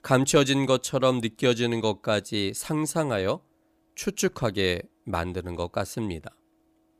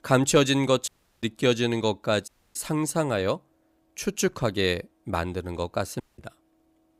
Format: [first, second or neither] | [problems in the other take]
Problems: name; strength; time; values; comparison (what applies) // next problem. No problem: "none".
first | audio cutting out; at 1 s, at 2.5 s and at 6 s